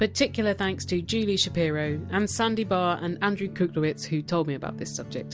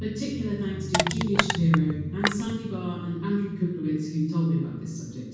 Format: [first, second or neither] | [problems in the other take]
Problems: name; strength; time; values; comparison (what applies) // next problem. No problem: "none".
first | background sound (Crushing); 2 dB below the speech // room echo; dies away in 1.2 s